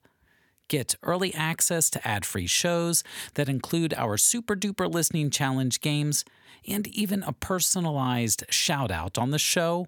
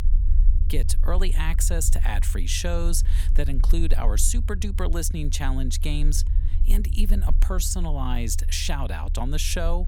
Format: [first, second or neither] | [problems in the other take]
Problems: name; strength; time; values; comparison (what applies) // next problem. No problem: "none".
first | low rumble; noticeable; throughout; 15 dB below the speech